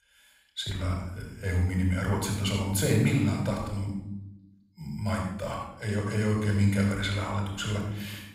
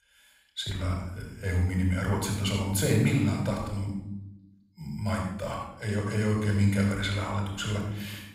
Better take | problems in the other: neither | off-mic speech; somewhat distant; the same in both // room echo; noticeable; dies away in 0.7 s; the same in both

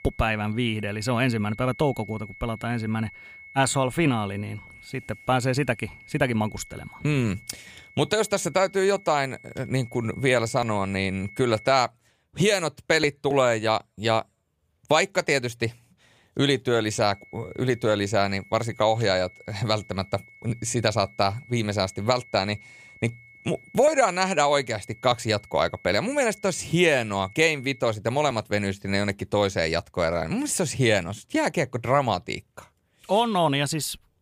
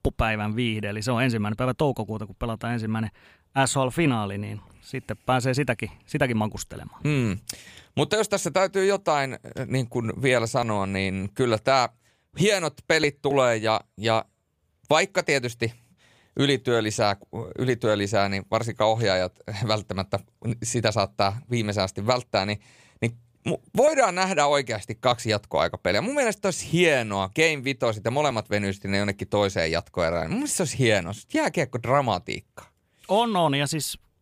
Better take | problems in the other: second | high-pitched whine; faint; until 12 s and from 17 to 28 s; 2 kHz, 20 dB below the speech

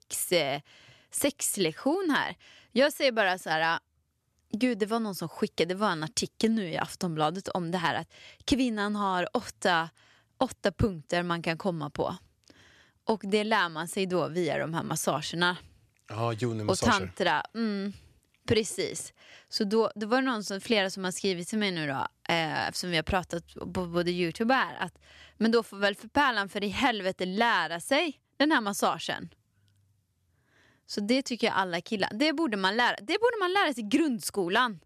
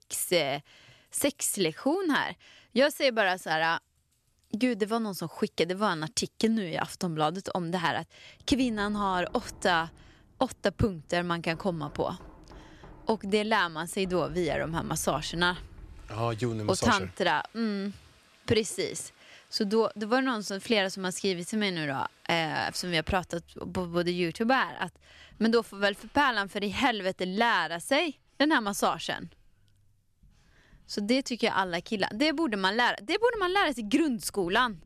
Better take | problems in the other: first | household noises; faint; throughout; 25 dB below the speech

